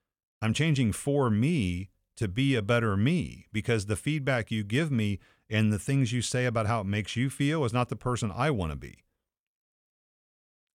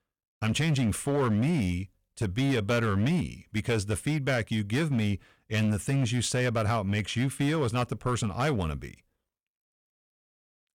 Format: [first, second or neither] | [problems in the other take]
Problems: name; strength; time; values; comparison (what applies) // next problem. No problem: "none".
first | distortion; slight; 10% of the sound clipped